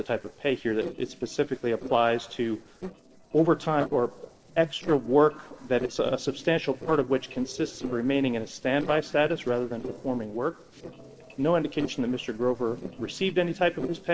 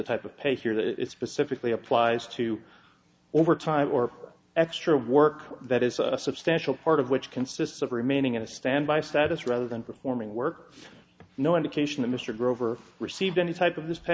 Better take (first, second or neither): second